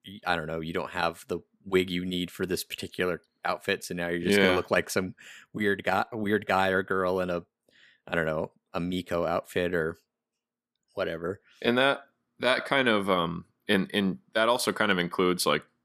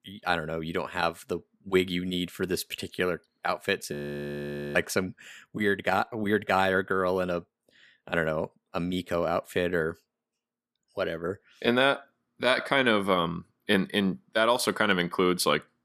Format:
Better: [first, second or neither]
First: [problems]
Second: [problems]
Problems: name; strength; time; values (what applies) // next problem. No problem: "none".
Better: first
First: none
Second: audio freezing; at 4 s for 1 s